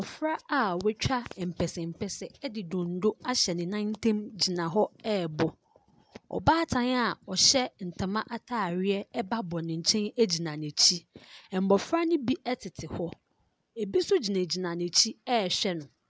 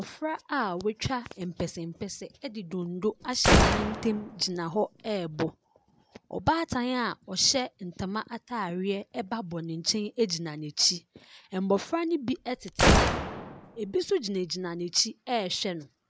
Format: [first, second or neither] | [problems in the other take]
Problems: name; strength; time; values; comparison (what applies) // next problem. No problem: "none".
first | background sound (Gunshot, gunfire); 3 dB above the speech